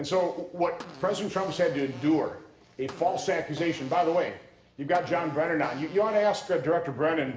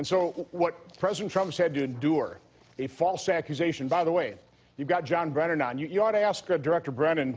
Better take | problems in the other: second | background sound (Fart); 19 dB below the speech // room echo; dies away in 0.7 s

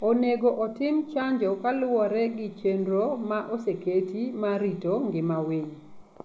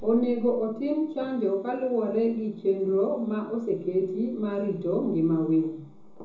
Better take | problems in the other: first | room echo; dies away in 0.6 s

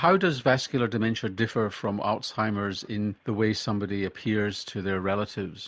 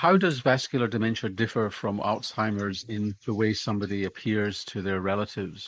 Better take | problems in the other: first | noise reduction (neural mask model Resemble Enhance denoiser)

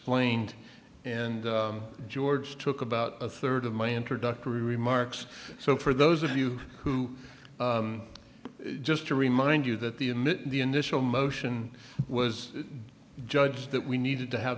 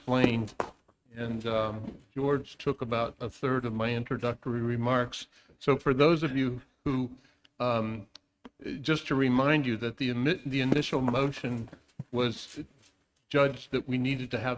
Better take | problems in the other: first | noise reduction (neural mask model RNNoise)

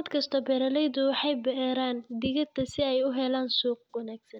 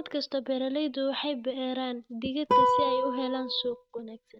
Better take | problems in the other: first | noise reduction (neural mask model RNNoise)

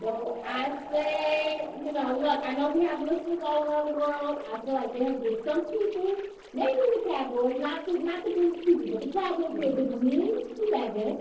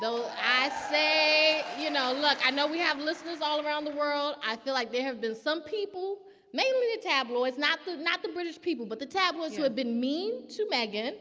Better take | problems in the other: second | noise reduction (neural separator model SepFormer DNS4)

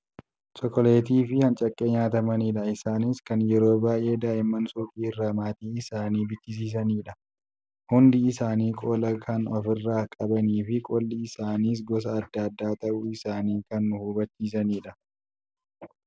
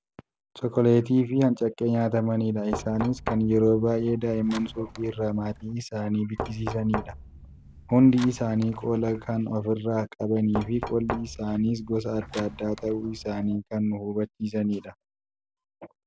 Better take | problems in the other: first | background sound (Knock); 12 dB below the speech

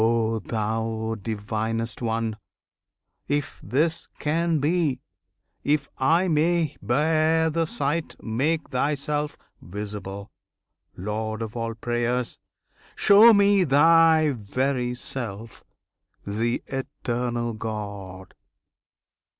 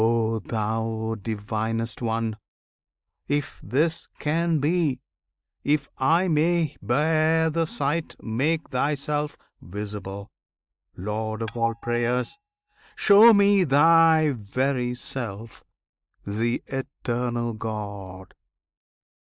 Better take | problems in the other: first | noise reduction (neural mask model DeepFilterNet 3)

